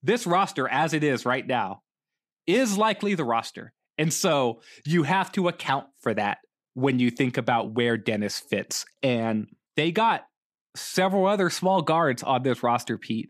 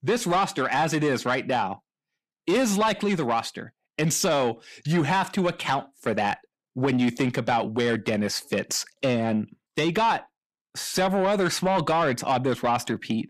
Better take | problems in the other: first | distortion; slight; 10 dB below the speech

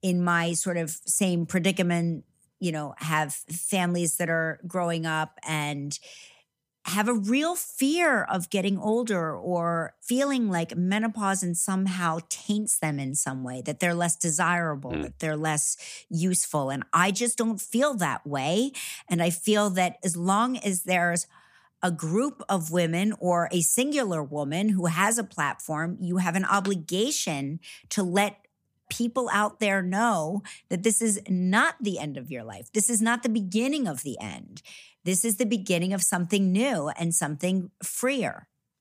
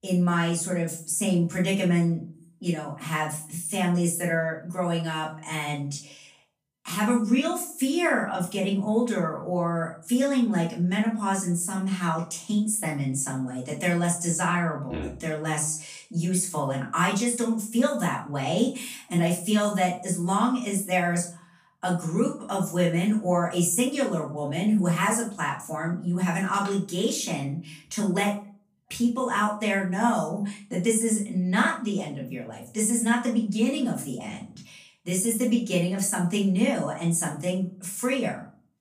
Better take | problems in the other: first | room echo; slight; dies away in 0.3 s // off-mic speech; far

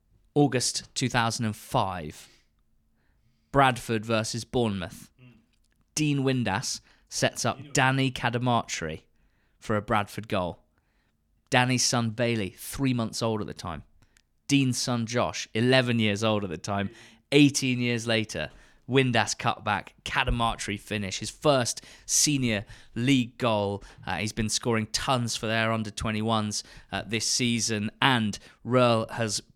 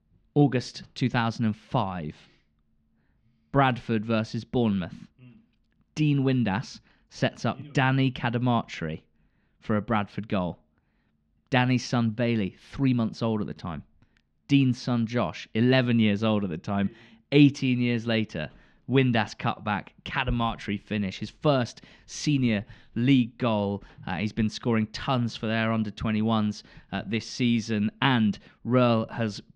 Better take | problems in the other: first | muffled; slightly; fading above 4 kHz

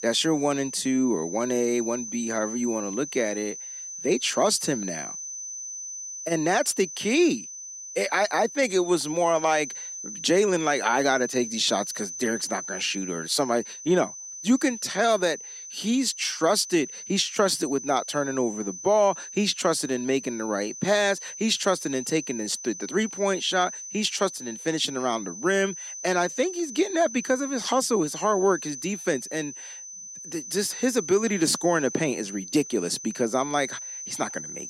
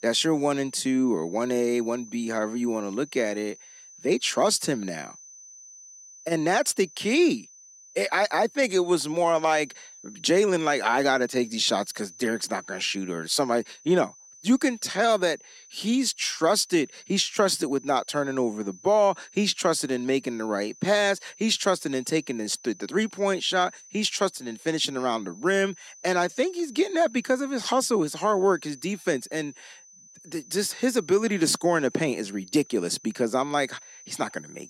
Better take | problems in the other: second | high-pitched whine; loud; throughout; 6 kHz, 10 dB below the speech; faint in the second

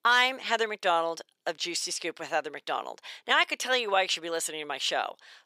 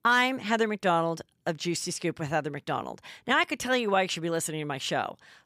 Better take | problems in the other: second | thin; somewhat; fading below 550 Hz

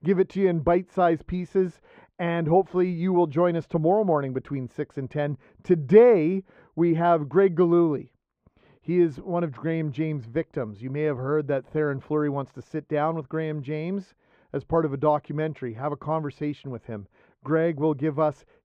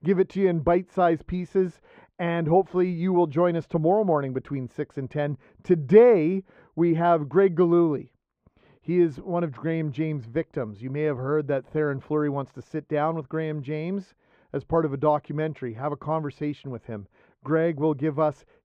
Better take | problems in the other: neither | muffled; very; fading above 3 kHz; the same in both

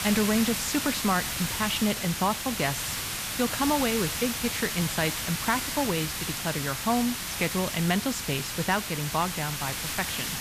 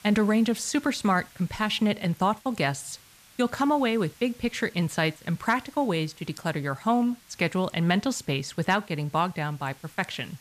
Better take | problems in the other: second | hiss; loud; throughout; 2 dB below the speech; faint in the second

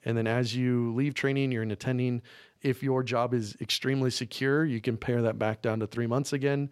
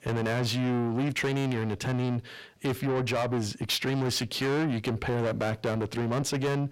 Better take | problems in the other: first | distortion; heavy; 6 dB below the speech

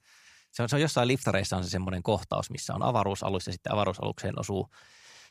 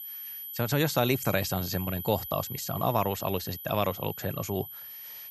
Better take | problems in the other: first | high-pitched whine; loud; throughout; 12 kHz, 8 dB below the speech

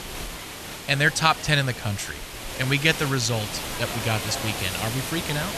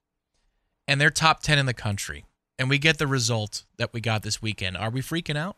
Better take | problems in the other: second | hiss; loud; throughout; 7 dB below the speech

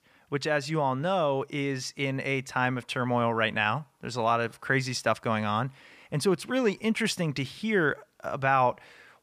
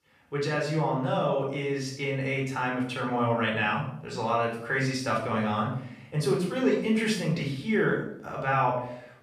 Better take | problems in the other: first | off-mic speech; far // room echo; noticeable; dies away in 0.6 s

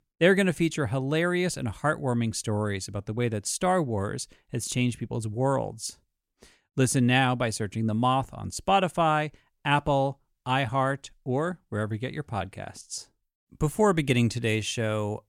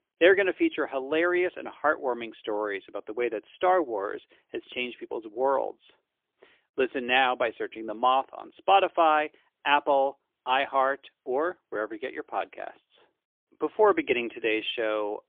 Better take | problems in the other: first | phone-call audio; poor line; nothing above 3.5 kHz

